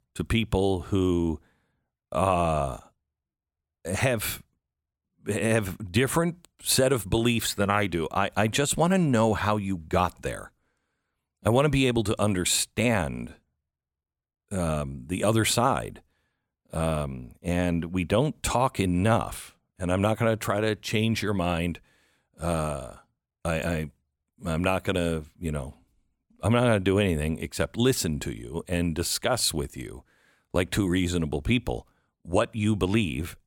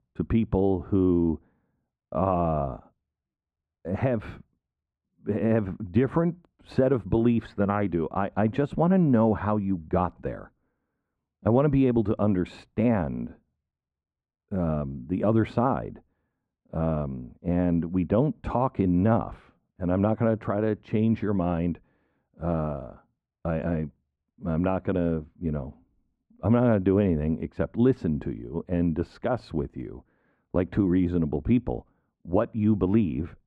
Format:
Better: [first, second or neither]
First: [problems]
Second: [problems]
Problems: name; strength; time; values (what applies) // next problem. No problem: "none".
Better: first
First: none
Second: muffled; very; fading above 1 kHz